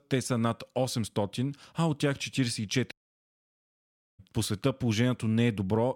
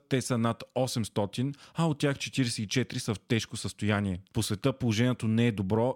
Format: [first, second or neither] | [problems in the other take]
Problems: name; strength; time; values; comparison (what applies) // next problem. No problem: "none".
second | audio cutting out; at 3 s for 1.5 s